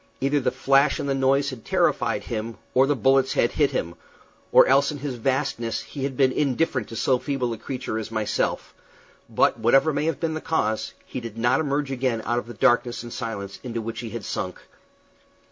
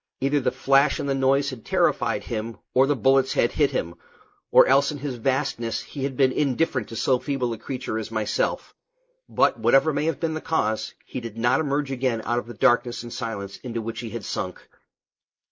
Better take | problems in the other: first | noise reduction (neural mask model Resemble Enhance denoiser)

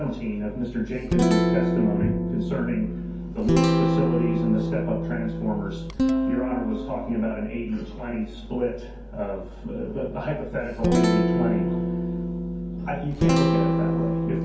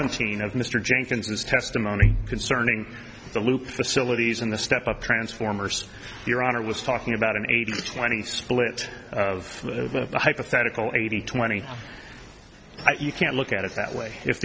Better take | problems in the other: second | background sound (Guitar); 4 dB above the speech // room echo; dies away in 0.6 s

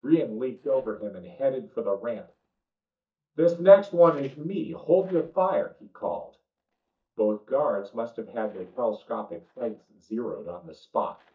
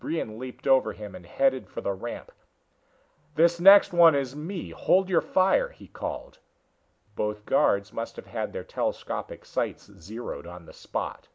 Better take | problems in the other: second | noise reduction (neural mask model DeepFilterNet 3)

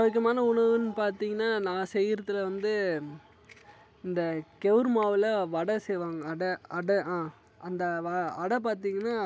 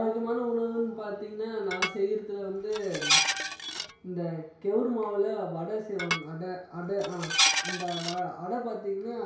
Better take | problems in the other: first | background sound (Dishes, pots, and pans); 1 dB above the speech // room echo; dies away in 0.6 s

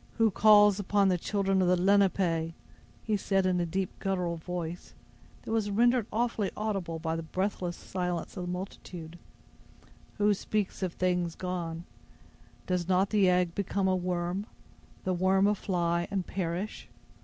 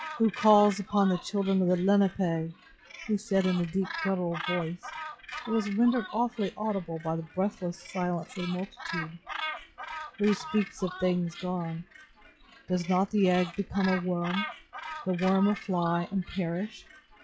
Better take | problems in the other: first | noise reduction (classical method log-MMSE)

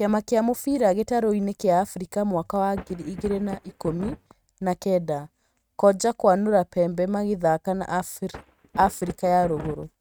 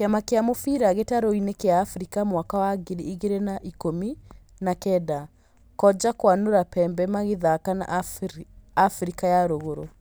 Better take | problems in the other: second | noise reduction (neural mask model RNNoise)

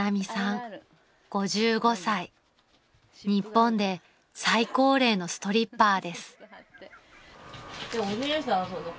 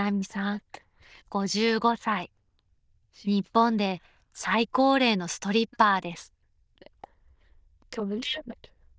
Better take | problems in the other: first | noise reduction (neural diffusion model UNIVERSE++)

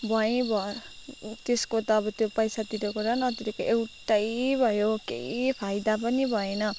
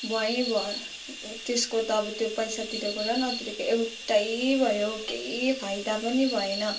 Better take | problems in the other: first | background sound (Bathtub (filling or washing)); 15 dB below the speech // room echo; dies away in 0.3 s

